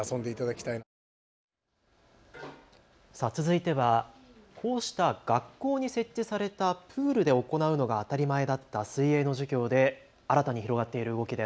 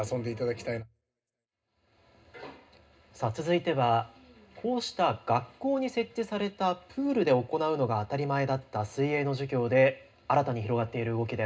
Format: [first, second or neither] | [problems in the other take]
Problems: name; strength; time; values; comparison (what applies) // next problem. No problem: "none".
first | room echo; dies away in 0.2 s